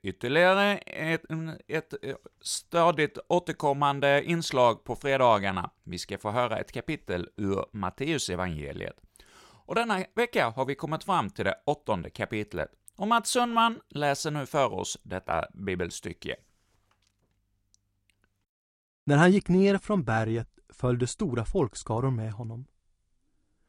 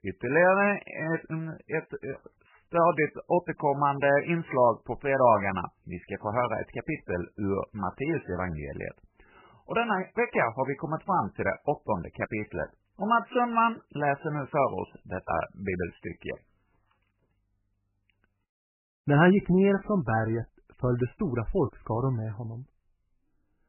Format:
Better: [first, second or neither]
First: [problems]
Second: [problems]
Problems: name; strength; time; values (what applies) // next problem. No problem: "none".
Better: first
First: none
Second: garbled, watery; badly; nothing above 3 kHz